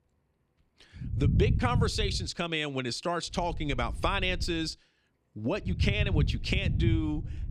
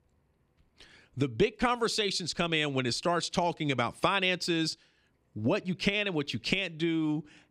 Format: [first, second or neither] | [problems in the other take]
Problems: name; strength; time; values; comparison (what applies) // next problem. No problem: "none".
second | low rumble; noticeable; from 1 to 2 s, from 3.5 to 4.5 s and from 5.5 s on; 15 dB below the speech